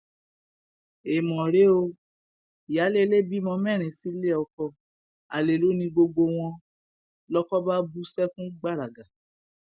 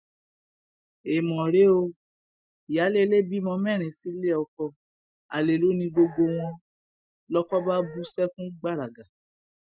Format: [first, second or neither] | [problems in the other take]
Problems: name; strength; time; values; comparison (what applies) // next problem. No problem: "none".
first | noise reduction (classical method Wiener filter)